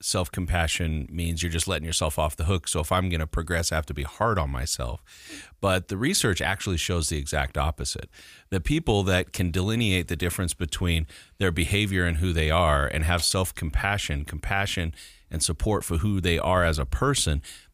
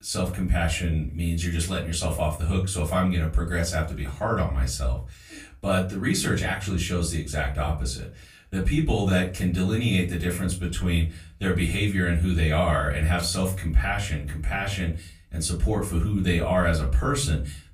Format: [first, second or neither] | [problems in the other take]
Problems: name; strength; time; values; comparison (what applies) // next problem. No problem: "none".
first | off-mic speech; far // room echo; very slight; dies away in 0.3 s